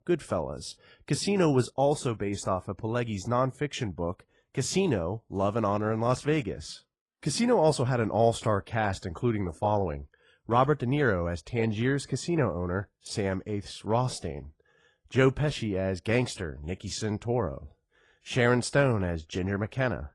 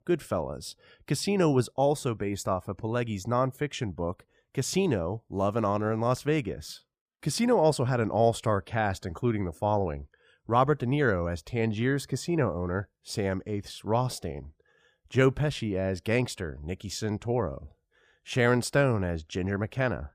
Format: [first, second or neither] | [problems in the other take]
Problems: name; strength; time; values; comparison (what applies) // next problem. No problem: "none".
second | garbled, watery; slightly; nothing above 10.5 kHz